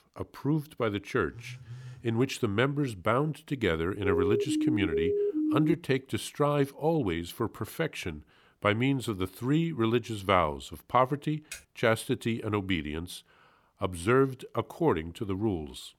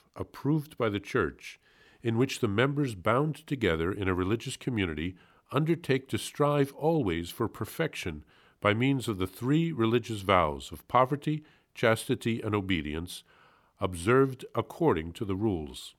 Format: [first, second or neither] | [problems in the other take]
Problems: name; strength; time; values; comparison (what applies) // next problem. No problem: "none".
second | phone ringing; faint; at 1.5 s; peak 15 dB below the speech // siren; loud; from 4 to 6 s; peak 2 dB above the speech // keyboard typing; faint; at 12 s; peak 15 dB below the speech